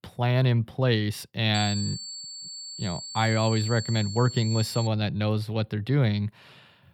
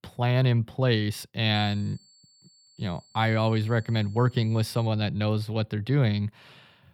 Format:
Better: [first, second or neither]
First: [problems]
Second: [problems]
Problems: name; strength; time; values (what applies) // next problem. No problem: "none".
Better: second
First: high-pitched whine; loud; from 1.5 to 5 s; 4.5 kHz, 9 dB below the speech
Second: high-pitched whine; faint; from 1.5 to 5 s; 4.5 kHz, 30 dB below the speech